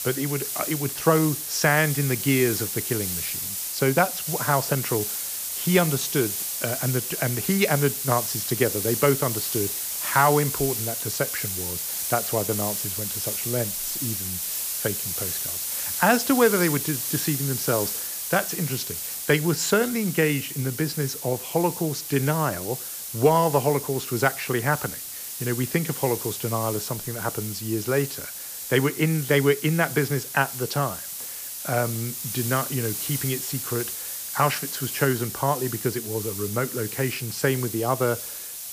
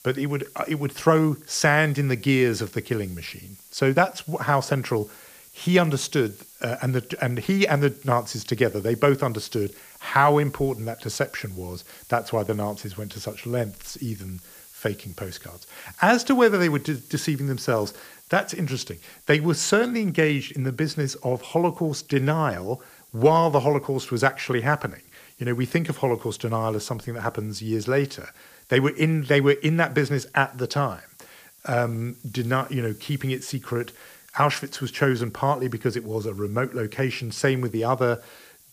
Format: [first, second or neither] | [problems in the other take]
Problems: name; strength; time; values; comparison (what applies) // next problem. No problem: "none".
second | hiss; loud; throughout; 3 dB below the speech; faint in the second